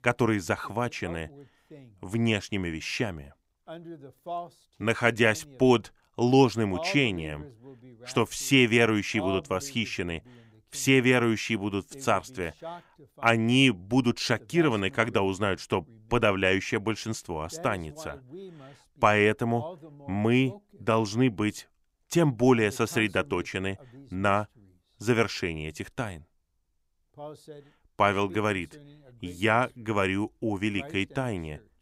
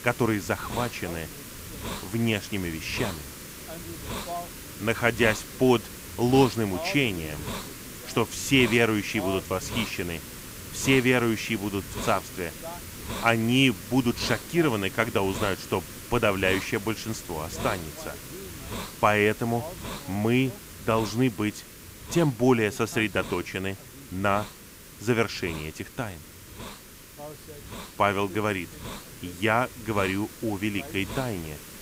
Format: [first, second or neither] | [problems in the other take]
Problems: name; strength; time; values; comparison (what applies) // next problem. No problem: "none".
first | hiss; noticeable; throughout; 10 dB below the speech